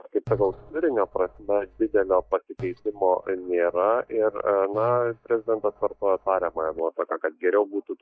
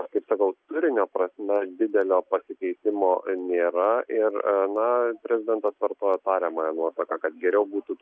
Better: second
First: noise reduction (neural mask model DeepFilterNet 3)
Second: none

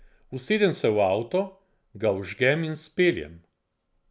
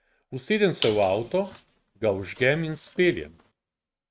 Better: first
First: none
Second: noise reduction (neural mask model RNNoise)

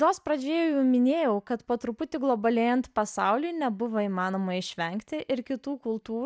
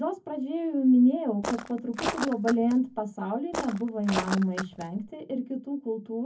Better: first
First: none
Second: background sound (Walk, footsteps); 8 dB below the speech // room echo; dies away in 0.3 s

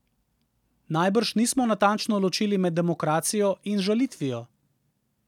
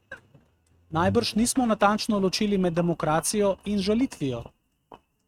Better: first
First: none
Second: noise reduction (neural mask model RNNoise)

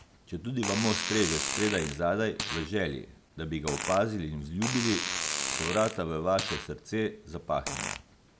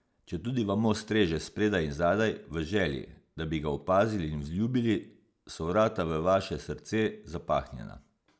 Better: second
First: background sound (Fart); 5 dB below the speech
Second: none

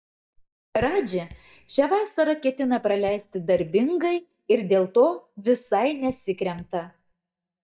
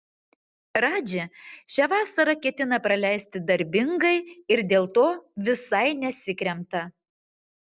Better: second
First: noise reduction (neural mask model DeepFilterNet 3)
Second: none

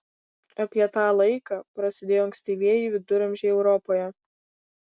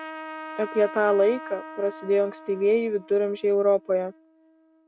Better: first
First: none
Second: background sound (Trumpet); 16 dB below the speech

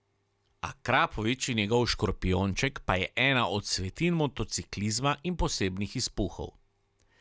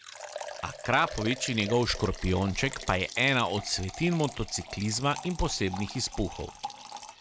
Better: first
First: none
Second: background sound (Liquid); 13 dB below the speech

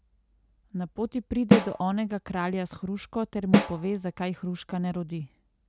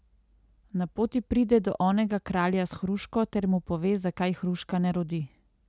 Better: second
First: background sound (Snare drum); 3 dB above the speech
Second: none

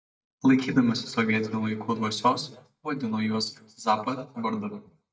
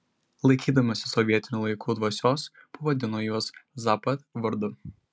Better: second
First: noise reduction (neural mask model DeepFilterNet 3)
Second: none

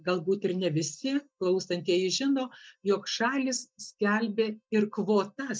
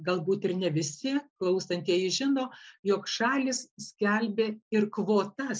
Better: second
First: noise reduction (neural mask model DeepFilterNet 3)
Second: none

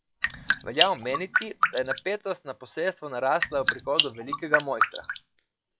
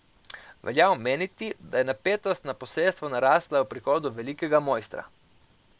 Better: second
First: noise reduction (classical method log-MMSE)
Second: none

